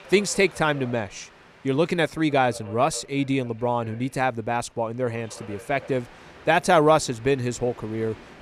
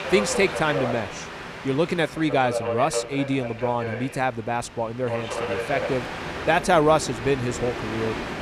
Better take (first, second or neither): first